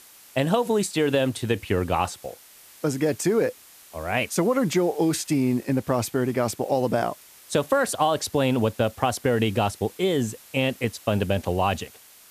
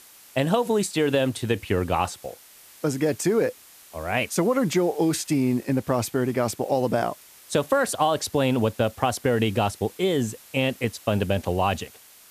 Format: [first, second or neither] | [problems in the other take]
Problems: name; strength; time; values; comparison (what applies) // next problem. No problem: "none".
neither | hiss; faint; throughout; 20 dB below the speech; the same in both